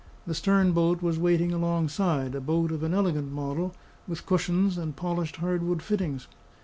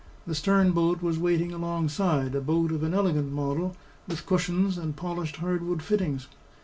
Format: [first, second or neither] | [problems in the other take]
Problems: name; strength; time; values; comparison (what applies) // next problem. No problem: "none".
first | background sound (Snare drum); 18 dB below the speech // room echo; dies away in 0.2 s